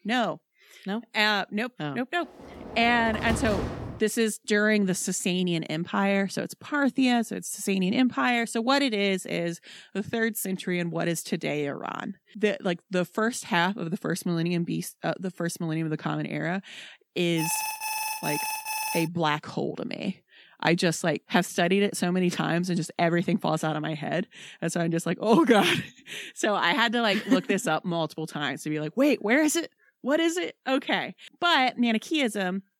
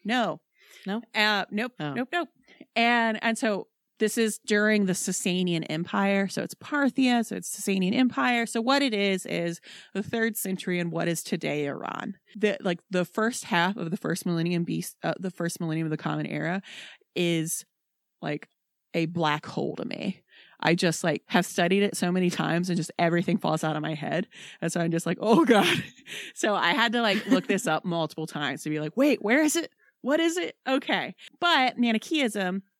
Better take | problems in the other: second | door banging; noticeable; from 2.5 to 4 s; peak 4 dB below the speech // alarm; noticeable; from 17 to 19 s; peak 3 dB below the speech

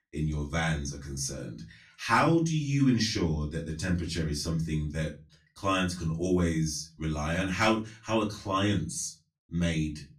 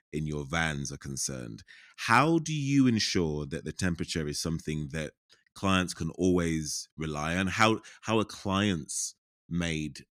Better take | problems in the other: second | off-mic speech; far // room echo; very slight; dies away in 0.3 s

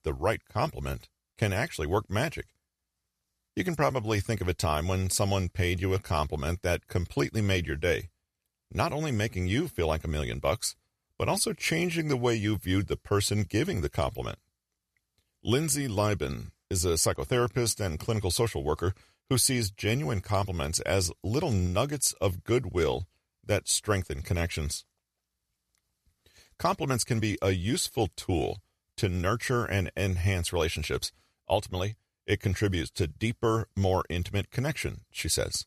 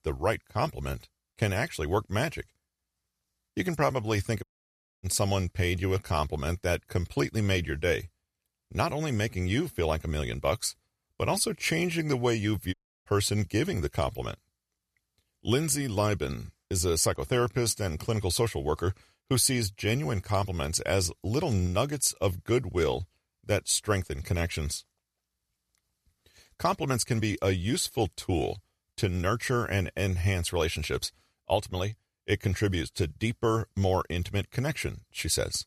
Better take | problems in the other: first | audio cutting out; at 4.5 s for 0.5 s and at 13 s

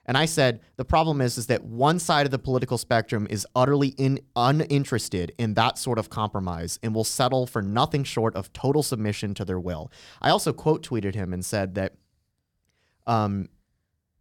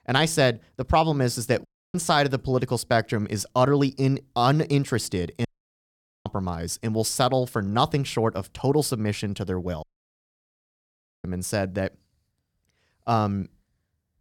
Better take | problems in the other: first | audio cutting out; at 1.5 s, at 5.5 s for 1 s and at 10 s for 1.5 s

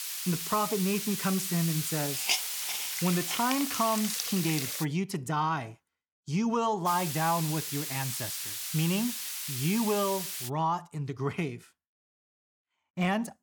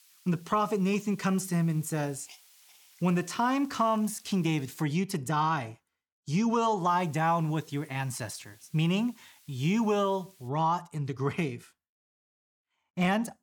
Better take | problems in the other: second | hiss; loud; until 5 s and from 7 to 10 s; 2 dB below the speech; faint in the second

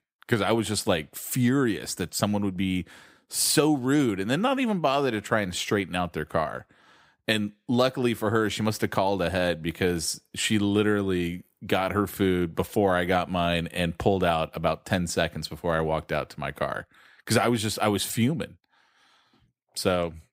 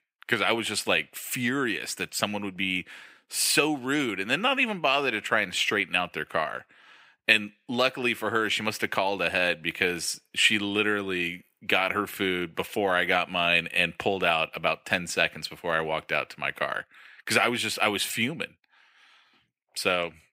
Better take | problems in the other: first | thin; very slightly; fading below 650 Hz

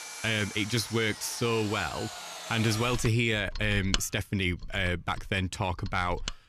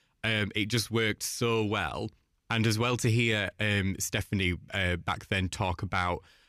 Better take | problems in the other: second | machinery noise; loud; throughout; 9 dB below the speech

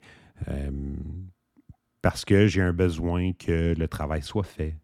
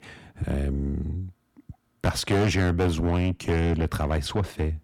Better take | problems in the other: first | distortion; heavy; 6 dB below the speech

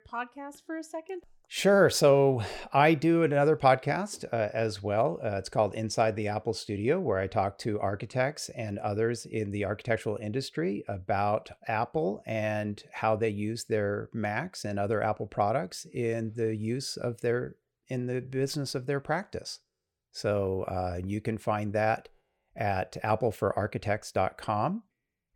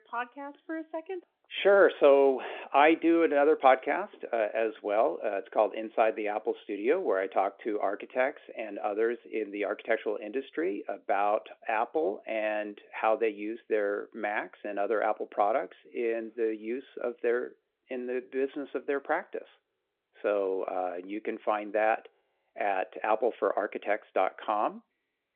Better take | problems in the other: first | phone-call audio; nothing above 3.5 kHz

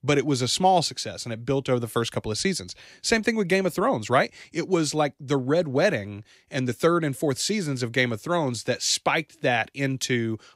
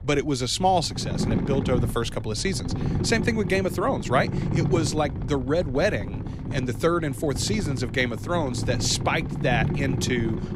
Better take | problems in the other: first | low rumble; noticeable; throughout; 10 dB below the speech

